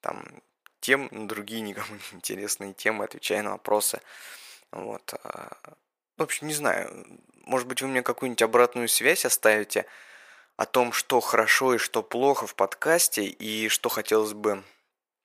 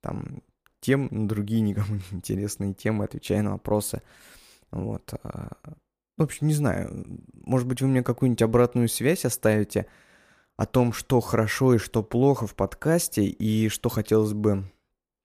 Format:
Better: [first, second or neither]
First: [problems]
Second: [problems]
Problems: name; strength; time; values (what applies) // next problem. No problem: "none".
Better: second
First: thin; very; fading below 600 Hz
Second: none